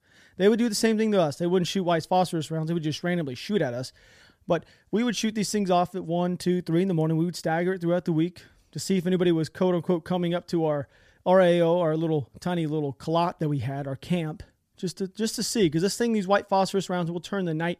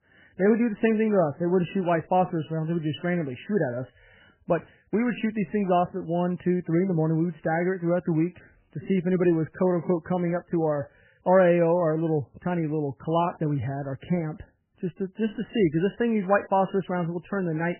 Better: first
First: none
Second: garbled, watery; badly; nothing above 3 kHz

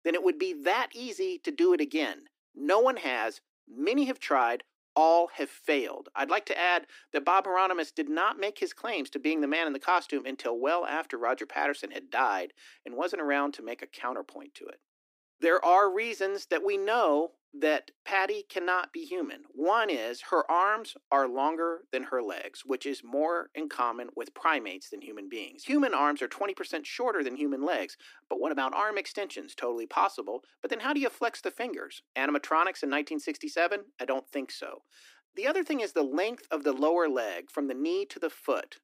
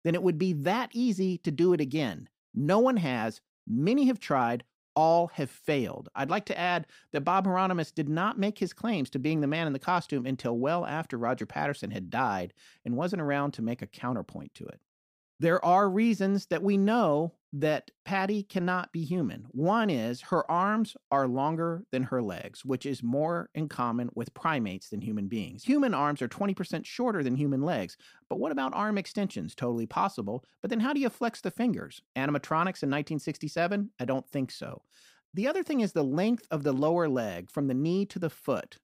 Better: second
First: thin; somewhat; fading below 300 Hz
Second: none

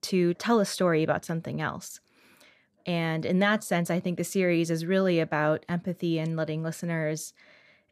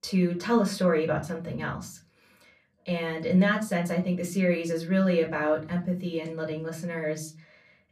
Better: first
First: none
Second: off-mic speech; far // room echo; very slight; dies away in 0.3 s

